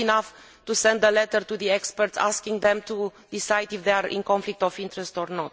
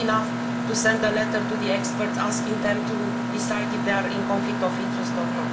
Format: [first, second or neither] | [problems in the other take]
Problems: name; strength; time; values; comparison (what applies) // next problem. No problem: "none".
first | background sound (Mechanisms); 1 dB above the speech // room echo; dies away in 0.7 s